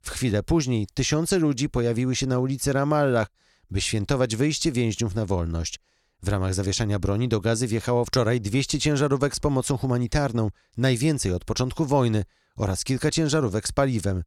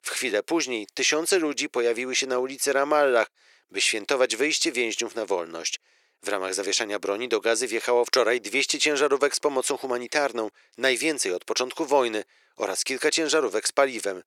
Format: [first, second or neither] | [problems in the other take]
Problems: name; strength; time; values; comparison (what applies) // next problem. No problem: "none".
first | thin; very; fading below 400 Hz